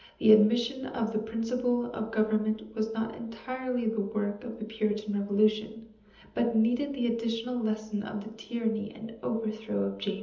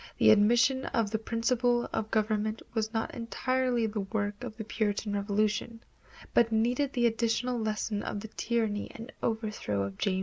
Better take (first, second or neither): second